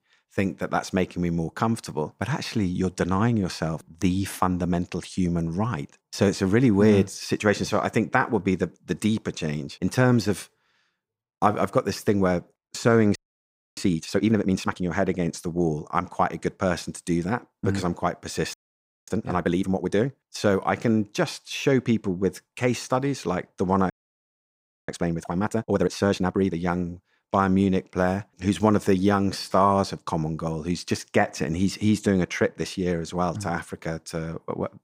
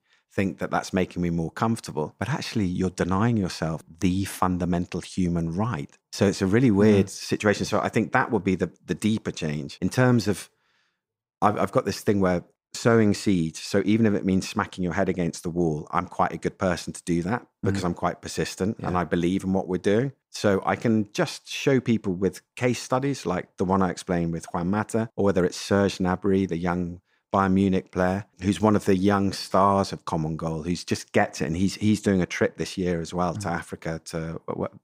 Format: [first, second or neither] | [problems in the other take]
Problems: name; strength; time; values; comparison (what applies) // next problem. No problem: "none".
second | audio freezing; at 13 s for 0.5 s, at 19 s for 0.5 s and at 24 s for 1 s